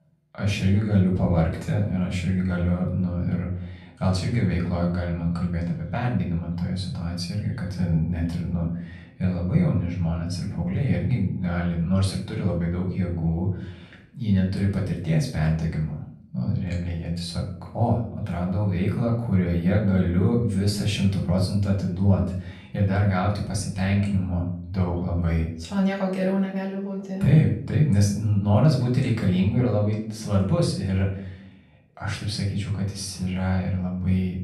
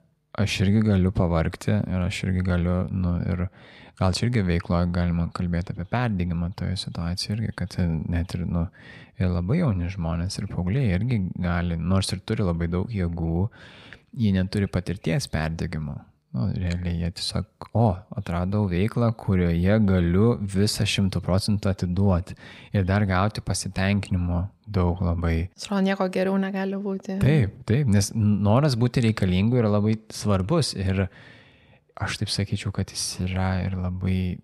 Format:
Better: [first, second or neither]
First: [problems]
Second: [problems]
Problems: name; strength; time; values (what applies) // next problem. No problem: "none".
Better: second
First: room echo; noticeable; dies away in 0.5 s // off-mic speech; far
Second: none